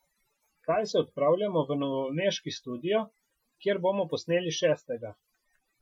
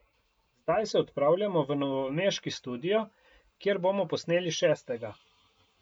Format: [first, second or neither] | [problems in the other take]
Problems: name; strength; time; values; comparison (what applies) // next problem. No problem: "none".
second | noise reduction (classical method Wiener filter)